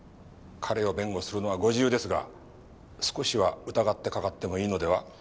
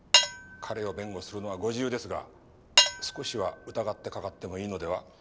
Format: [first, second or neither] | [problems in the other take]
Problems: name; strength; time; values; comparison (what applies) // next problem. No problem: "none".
first | background sound (Cutlery, silverware / Dishes, pots, and pans); 4 dB above the speech